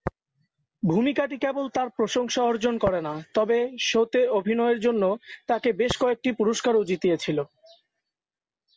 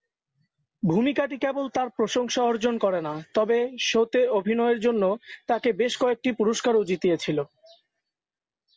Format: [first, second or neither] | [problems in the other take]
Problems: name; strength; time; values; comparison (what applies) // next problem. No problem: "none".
second | background sound (Tap); 18 dB below the speech